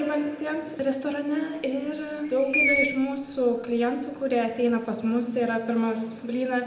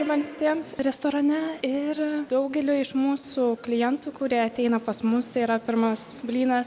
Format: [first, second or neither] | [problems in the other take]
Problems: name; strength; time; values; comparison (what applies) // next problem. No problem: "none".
second | background sound (Screech); 5 dB below the speech // room echo; dies away in 0.8 s